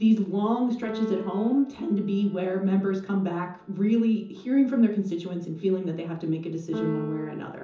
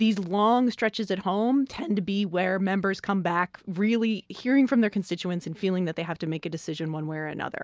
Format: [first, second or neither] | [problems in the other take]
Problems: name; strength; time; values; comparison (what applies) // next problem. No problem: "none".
second | background sound (Keyboard (musical)); 14 dB below the speech // room echo; dies away in 0.6 s